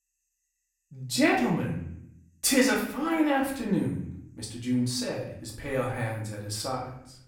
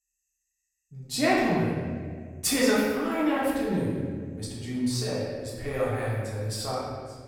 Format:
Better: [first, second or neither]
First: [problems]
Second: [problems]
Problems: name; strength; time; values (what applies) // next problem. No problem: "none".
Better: first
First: room echo; slight; dies away in 0.6 s // off-mic speech; far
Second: room echo; strong; dies away in 1.5 s // off-mic speech; far